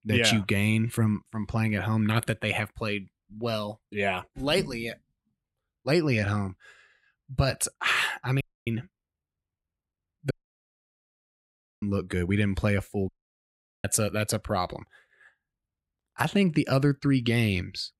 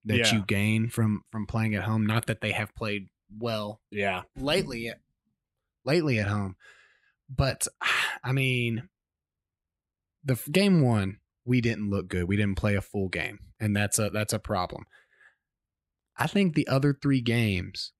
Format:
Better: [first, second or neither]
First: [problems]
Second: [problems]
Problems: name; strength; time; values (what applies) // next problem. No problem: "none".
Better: second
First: audio cutting out; at 8.5 s, at 10 s for 1.5 s and at 13 s for 1 s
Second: none